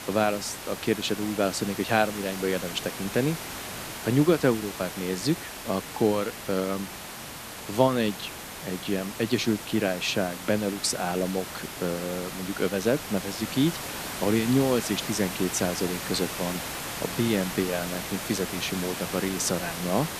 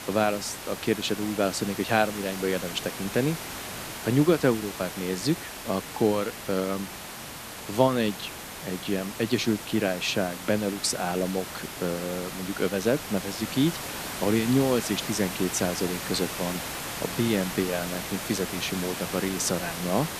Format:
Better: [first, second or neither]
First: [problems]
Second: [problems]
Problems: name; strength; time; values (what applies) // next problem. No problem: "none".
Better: neither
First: hiss; loud; throughout; 7 dB below the speech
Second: hiss; loud; throughout; 7 dB below the speech